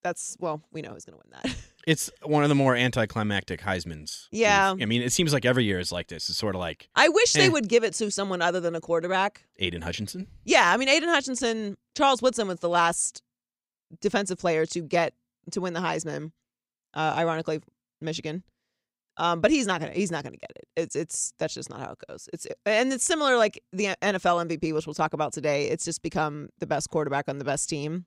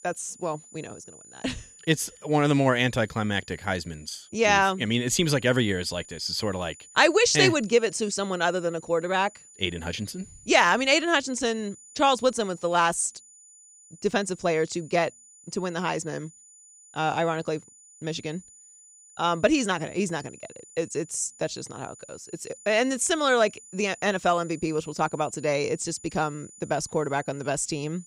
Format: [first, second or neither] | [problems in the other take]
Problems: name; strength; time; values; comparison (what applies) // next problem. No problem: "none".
first | high-pitched whine; faint; throughout; 7 kHz, 20 dB below the speech